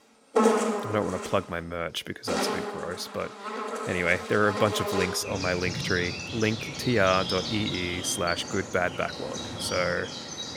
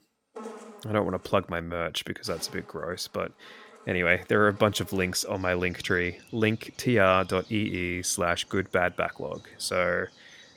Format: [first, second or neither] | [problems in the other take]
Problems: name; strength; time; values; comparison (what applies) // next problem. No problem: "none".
second | animal sounds; loud; throughout; 3 dB below the speech; faint in the second